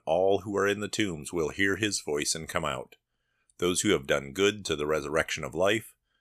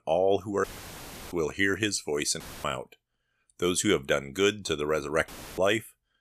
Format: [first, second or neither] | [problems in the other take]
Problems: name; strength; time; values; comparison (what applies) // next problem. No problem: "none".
first | audio cutting out; filled with static; at 0.5 s for 0.5 s, at 2.5 s and at 5.5 s